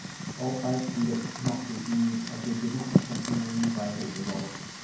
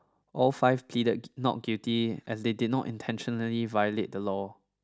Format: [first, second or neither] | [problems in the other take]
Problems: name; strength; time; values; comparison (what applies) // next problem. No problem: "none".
second | background sound (Fire); 2 dB below the speech // room echo; dies away in 0.9 s